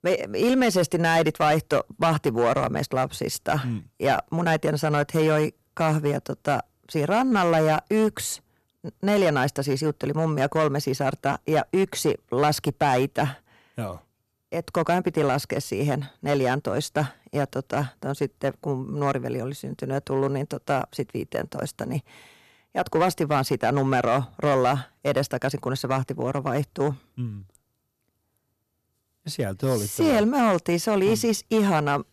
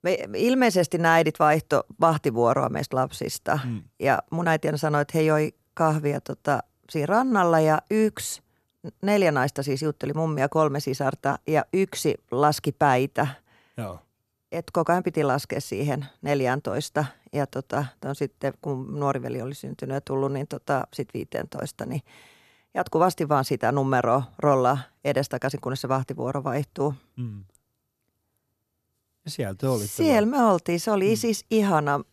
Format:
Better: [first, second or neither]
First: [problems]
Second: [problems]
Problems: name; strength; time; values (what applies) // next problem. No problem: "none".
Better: second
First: distortion; slight; 4% of the sound clipped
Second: none